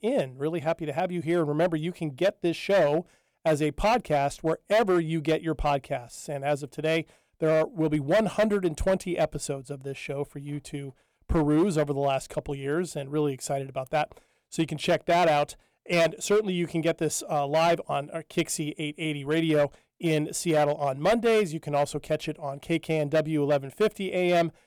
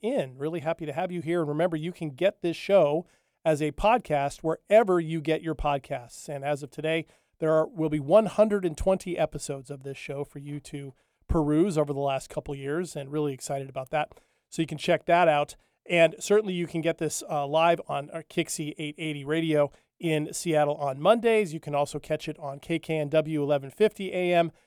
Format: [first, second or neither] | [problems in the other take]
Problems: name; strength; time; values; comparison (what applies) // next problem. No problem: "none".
second | distortion; slight; 6% of the sound clipped